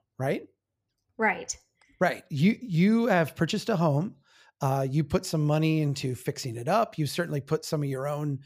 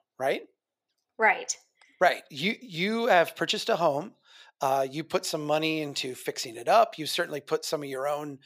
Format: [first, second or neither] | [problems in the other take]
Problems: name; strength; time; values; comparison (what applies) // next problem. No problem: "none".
first | thin; somewhat; fading below 400 Hz